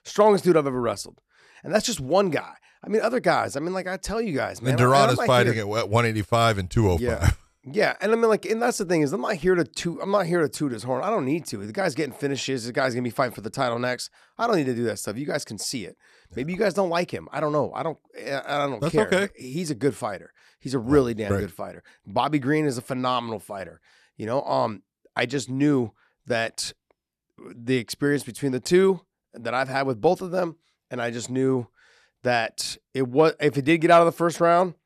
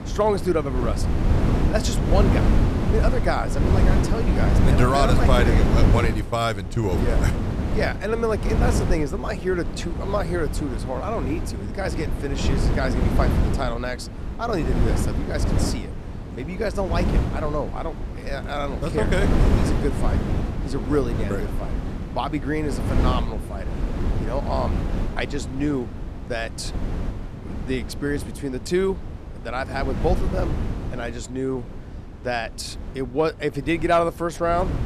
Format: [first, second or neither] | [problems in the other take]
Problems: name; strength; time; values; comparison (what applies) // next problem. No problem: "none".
first | wind noise on the microphone; heavy; 5 dB below the speech